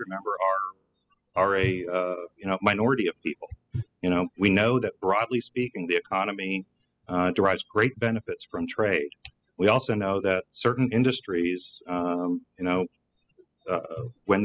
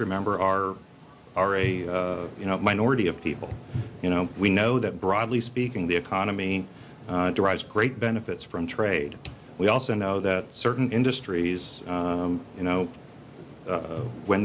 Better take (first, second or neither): second